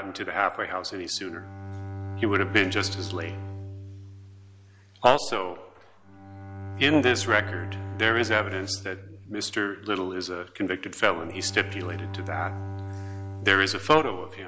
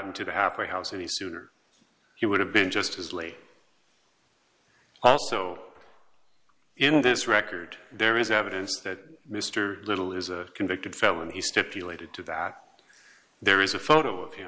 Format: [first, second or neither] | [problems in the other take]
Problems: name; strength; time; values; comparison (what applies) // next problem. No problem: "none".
second | background sound (Bowed string instrument); 10 dB below the speech